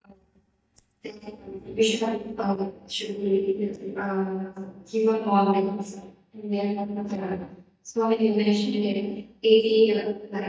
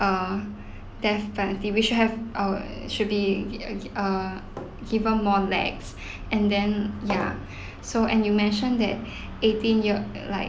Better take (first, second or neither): second